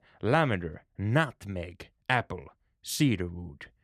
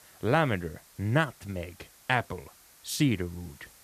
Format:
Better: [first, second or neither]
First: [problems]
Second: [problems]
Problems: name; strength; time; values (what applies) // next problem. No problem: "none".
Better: first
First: none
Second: hiss; faint; throughout; 25 dB below the speech